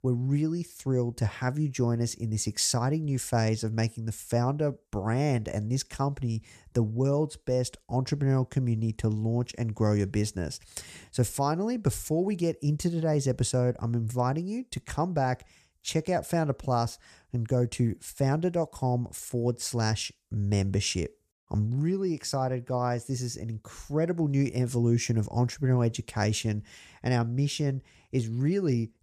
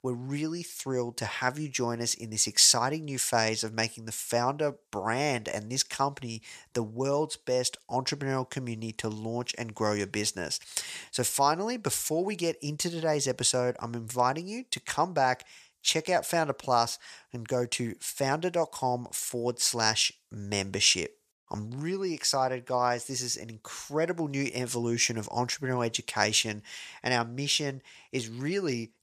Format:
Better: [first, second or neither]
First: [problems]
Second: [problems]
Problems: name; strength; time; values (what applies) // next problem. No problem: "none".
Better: first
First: none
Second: thin; somewhat; fading below 800 Hz